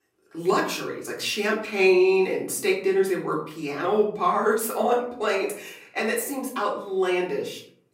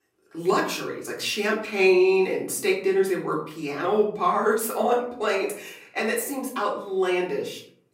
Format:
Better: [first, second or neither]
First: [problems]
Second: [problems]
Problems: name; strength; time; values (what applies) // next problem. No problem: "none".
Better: neither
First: room echo; slight; dies away in 0.5 s // off-mic speech; far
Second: room echo; slight; dies away in 0.5 s // off-mic speech; far